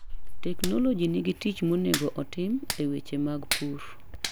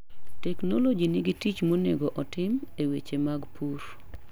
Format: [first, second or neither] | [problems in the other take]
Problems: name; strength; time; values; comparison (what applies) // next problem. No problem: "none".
second | background sound (Hands); 10 dB below the speech